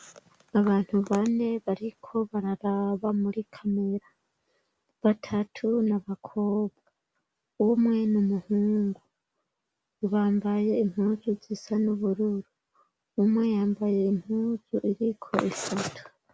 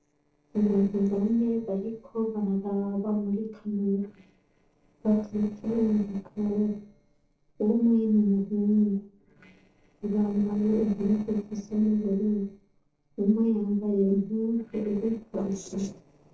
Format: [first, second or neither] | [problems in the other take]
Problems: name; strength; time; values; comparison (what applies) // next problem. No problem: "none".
first | noise reduction (neural separator model SepFormer DNS4)